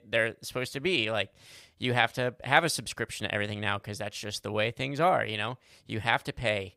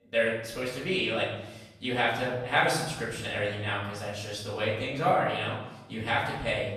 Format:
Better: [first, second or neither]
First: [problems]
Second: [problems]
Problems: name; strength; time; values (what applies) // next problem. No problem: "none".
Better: first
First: none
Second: off-mic speech; far // room echo; noticeable; dies away in 0.9 s